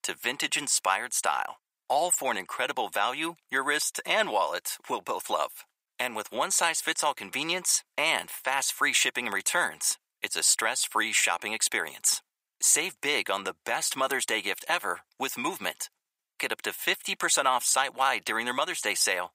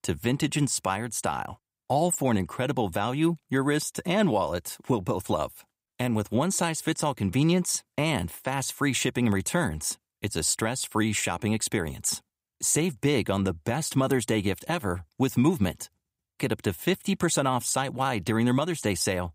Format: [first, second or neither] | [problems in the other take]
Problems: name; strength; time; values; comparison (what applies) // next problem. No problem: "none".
second | thin; very; fading below 750 Hz